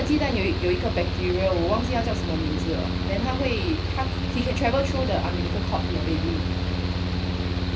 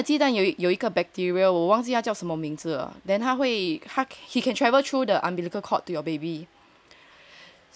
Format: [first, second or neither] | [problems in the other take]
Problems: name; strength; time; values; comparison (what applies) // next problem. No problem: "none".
second | background sound (Mechanical fan); 2 dB above the speech // room echo; dies away in 0.3 s